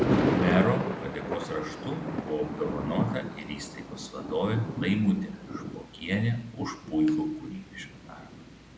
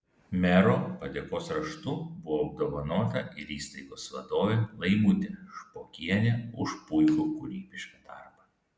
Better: second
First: background sound (Thunder); 2 dB below the speech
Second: none

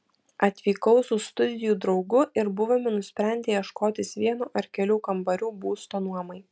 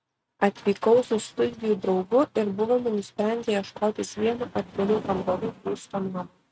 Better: first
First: none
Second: noise reduction (neural mask model RNNoise)

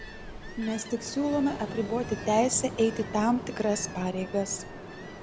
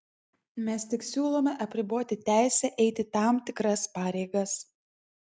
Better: second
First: background sound (Ocean); 10 dB below the speech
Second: none

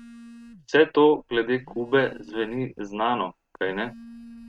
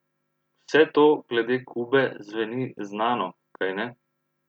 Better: second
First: noise reduction (neural mask model RNNoise)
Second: none

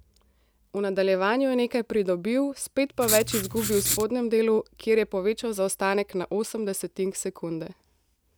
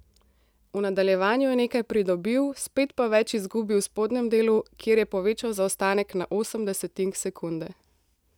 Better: second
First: background sound (Writing); 3 dB below the speech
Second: none

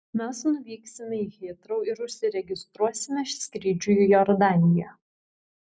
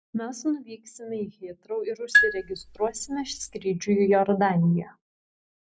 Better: first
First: none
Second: background sound (Marimba, xylophone); 1 dB above the speech

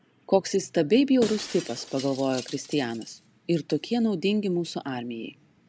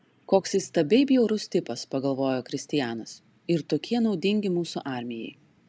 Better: second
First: background sound (Shatter); 16 dB below the speech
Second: none

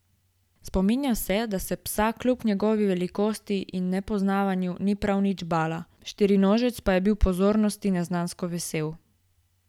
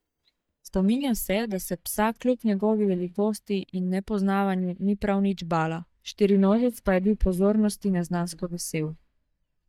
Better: first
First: none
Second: noise reduction (neural mask model DeepFilterNet 3)

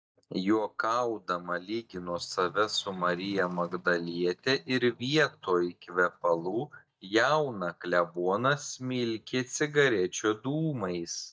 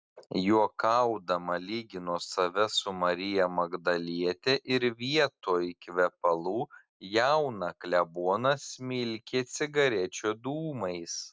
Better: second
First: noise reduction (neural mask model DeepFilterNet 3)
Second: none

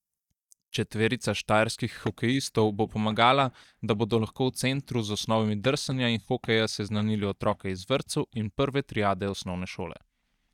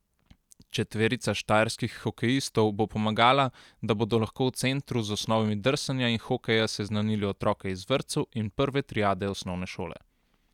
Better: second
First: noise reduction (neural mask model DeepFilterNet 3)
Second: none

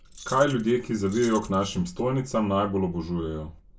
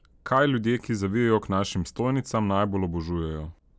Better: second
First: background sound (Keys jangling); 18 dB below the speech // room echo; dies away in 0.2 s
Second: none

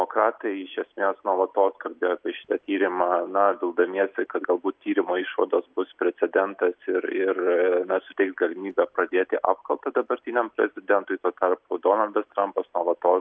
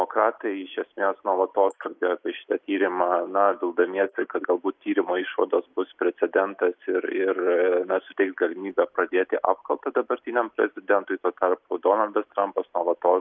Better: first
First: none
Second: noise reduction (neural mask model Resemble Enhance denoiser)

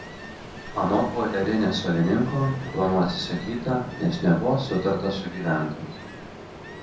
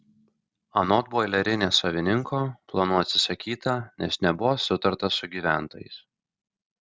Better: second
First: background sound (Ocean); 12 dB below the speech // room echo; dies away in 0.5 s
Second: none

